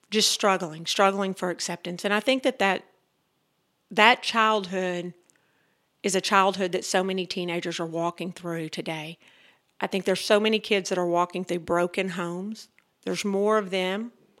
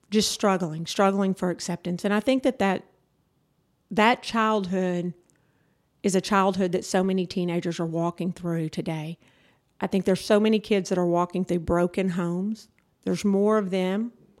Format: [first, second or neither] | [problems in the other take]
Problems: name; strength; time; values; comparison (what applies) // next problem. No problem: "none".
second | thin; very slightly; fading below 500 Hz